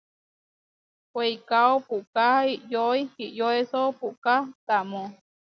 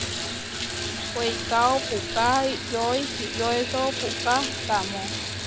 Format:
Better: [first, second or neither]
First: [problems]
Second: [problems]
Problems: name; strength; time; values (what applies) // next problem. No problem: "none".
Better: first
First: none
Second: background sound (Bathtub (filling or washing) / Water tap, faucet); 4 dB below the speech